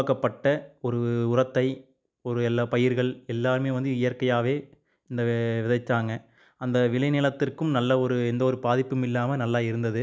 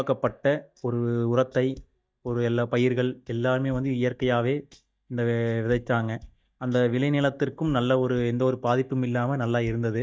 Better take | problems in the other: first | noise reduction (neural mask model DeepFilterNet 3)

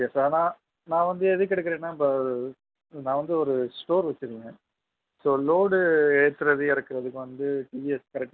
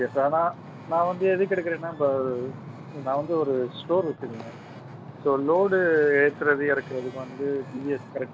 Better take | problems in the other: first | background sound (Wind / Ocean); 16 dB below the speech

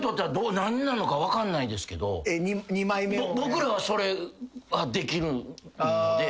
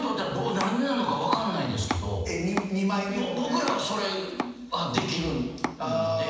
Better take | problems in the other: first | background sound (Domestic sounds, home sounds); 10 dB below the speech // room echo; dies away in 1.1 s

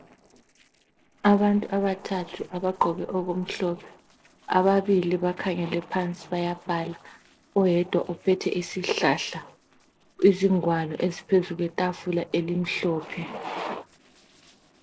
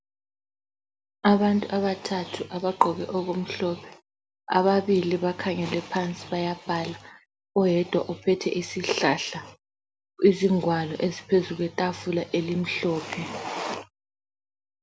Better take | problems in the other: second | noise reduction (neural separator model SepFormer DNS4)

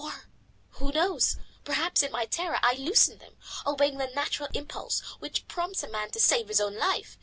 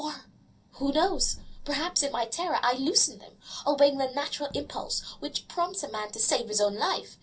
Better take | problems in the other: first | room echo; dies away in 0.3 s

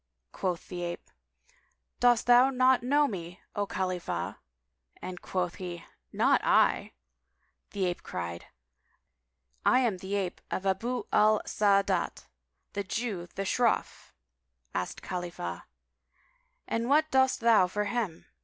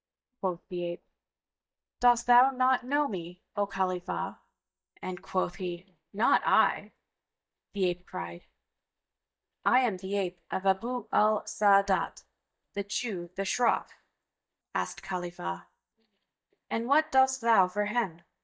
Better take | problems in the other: first | noise reduction (neural mask model DeepFilterNet 3)

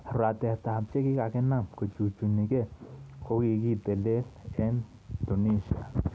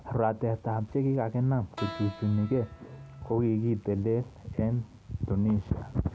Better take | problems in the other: first | background sound (Keyboard (musical)); 18 dB below the speech

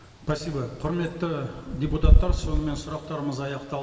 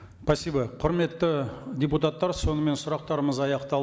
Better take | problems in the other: second | background sound (Wind / Bird); 4 dB above the speech // room echo; dies away in 2.6 s

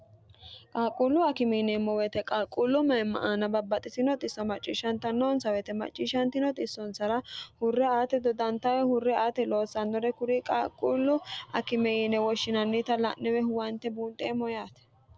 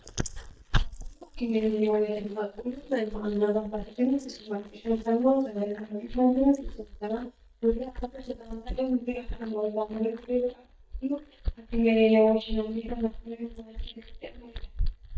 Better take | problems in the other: first | noise reduction (neural mask model DeepFilterNet 3)

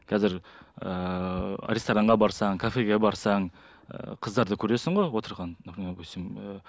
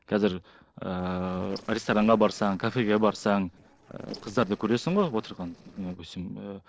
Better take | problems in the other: first | noise reduction (neural separator model SepFormer DNS4)

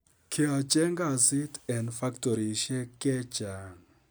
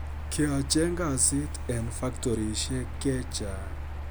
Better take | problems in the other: first | background sound (Mechanical fan); 5 dB below the speech

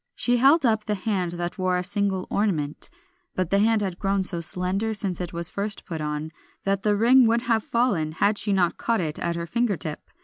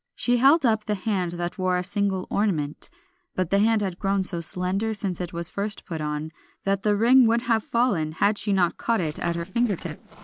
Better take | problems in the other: first | noise reduction (neural separator model SepFormer DNS4)

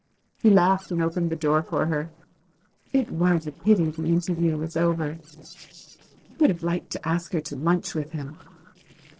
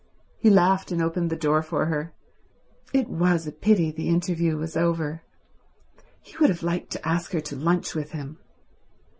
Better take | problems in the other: second | noise reduction (neural separator model SepFormer DNS4)

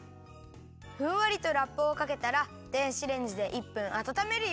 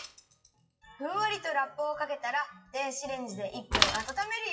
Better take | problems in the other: first | noise reduction (classical method WPE with log-MMSE)

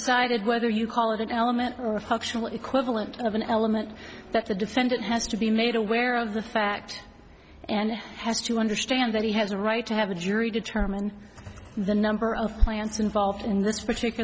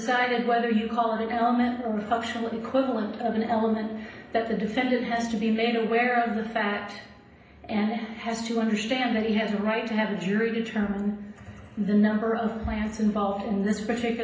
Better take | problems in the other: first | room echo; dies away in 0.8 s

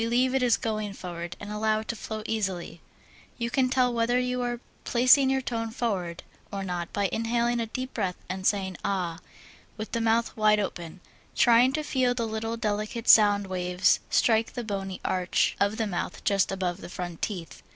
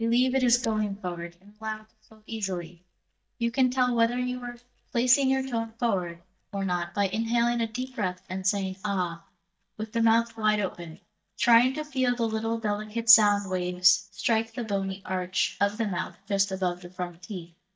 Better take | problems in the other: first | noise reduction (neural mask model DeepFilterNet 3)

